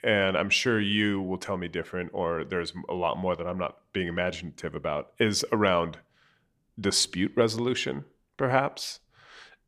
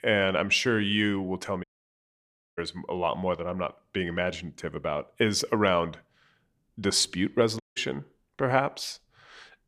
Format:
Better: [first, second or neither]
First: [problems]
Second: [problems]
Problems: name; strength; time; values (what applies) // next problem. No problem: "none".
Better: first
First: none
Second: audio cutting out; at 1.5 s for 1 s and at 7.5 s